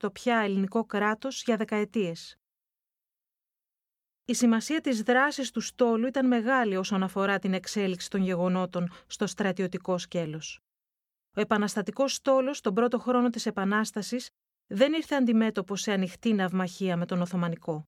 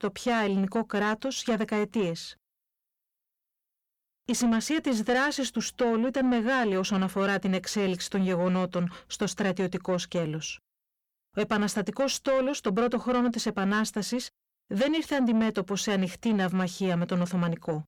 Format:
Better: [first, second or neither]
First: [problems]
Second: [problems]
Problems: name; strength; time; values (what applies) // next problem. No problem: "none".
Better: first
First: none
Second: distortion; slight; 10 dB below the speech